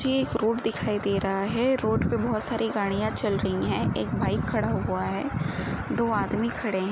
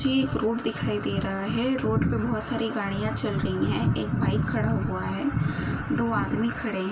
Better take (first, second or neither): first